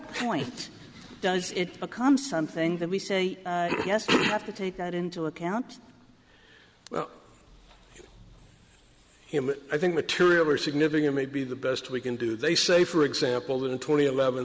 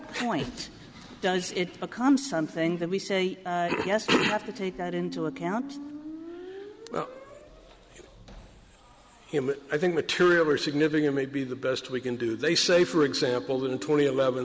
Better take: first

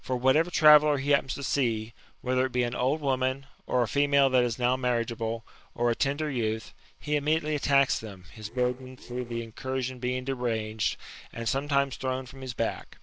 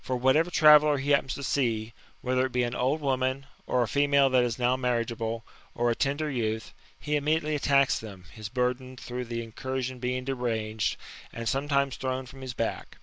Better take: second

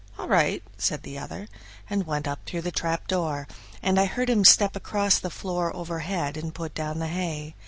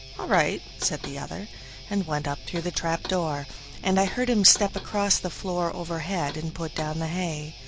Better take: first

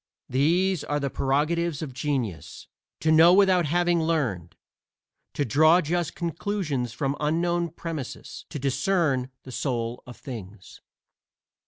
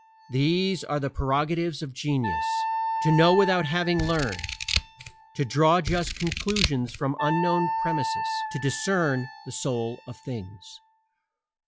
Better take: first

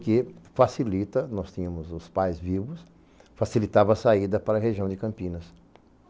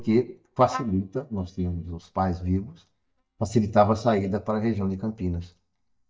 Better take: first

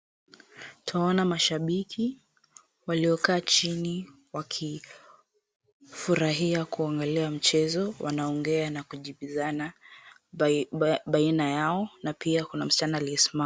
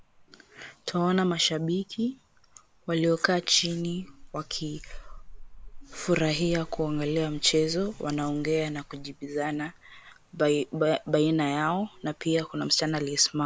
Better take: first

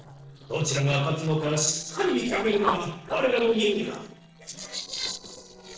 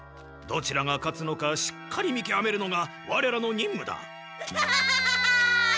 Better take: second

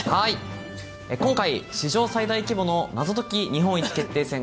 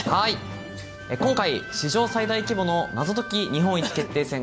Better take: first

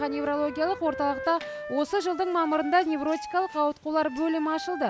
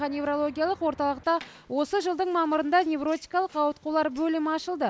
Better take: second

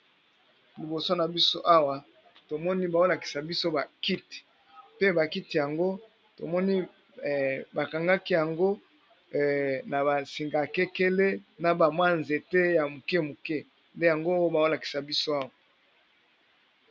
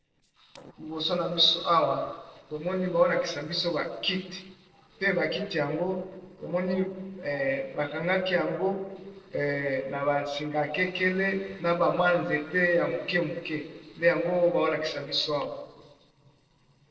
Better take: first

